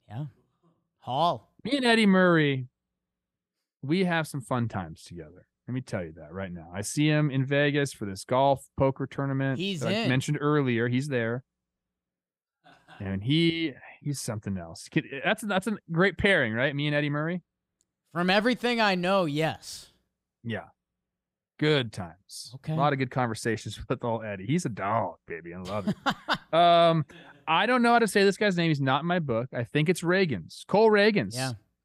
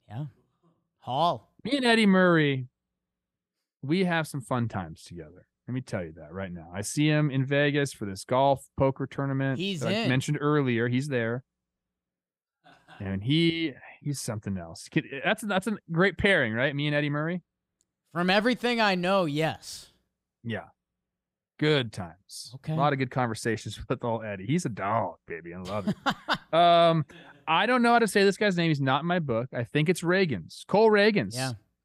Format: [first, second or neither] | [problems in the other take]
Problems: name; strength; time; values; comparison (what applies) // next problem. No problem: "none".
neither | none